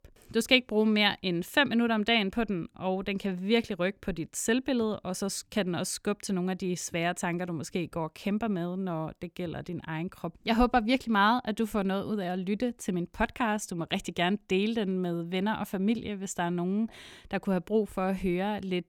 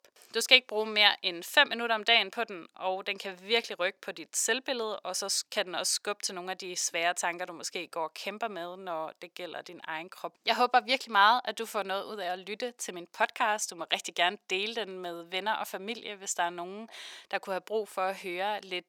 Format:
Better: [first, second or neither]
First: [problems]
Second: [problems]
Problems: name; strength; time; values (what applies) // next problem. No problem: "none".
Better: first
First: none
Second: thin; very; fading below 700 Hz